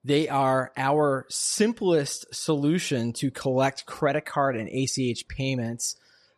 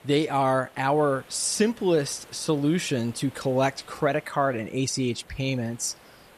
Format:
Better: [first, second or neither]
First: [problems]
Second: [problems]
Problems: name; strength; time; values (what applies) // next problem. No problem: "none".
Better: first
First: none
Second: hiss; faint; throughout; 25 dB below the speech